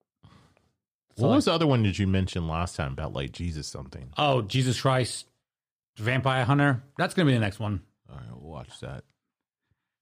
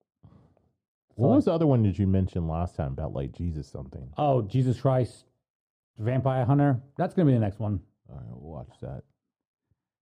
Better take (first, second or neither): first